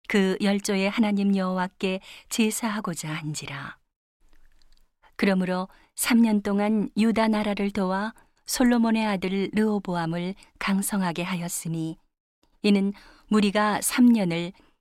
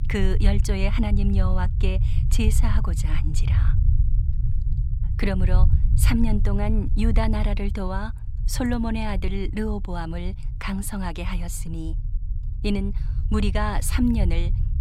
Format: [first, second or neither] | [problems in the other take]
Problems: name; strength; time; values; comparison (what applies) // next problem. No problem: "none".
first | low rumble; noticeable; throughout; 10 dB below the speech